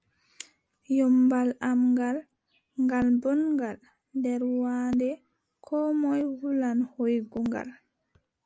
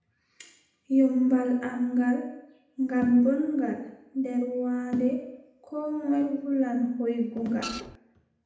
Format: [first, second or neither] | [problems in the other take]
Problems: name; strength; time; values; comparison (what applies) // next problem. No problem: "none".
first | background sound (Printer); 10 dB below the speech // room echo; dies away in 0.8 s